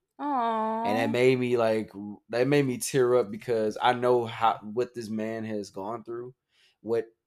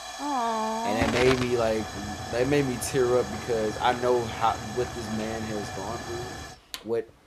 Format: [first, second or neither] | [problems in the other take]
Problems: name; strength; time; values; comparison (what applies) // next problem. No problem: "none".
first | hiss; loud; throughout; 7 dB below the speech